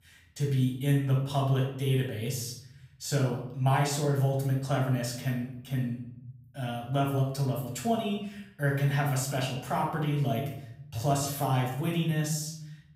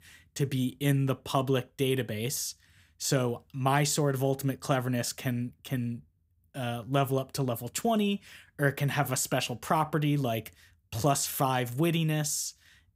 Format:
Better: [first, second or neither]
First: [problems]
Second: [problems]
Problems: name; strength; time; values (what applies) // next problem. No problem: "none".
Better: second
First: off-mic speech; far // room echo; noticeable; dies away in 0.7 s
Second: none